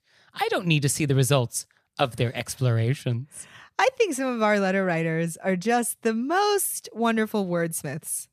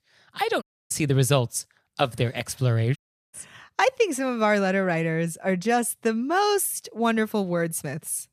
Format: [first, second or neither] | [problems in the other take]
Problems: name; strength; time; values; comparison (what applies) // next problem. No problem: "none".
first | audio cutting out; at 0.5 s and at 3 s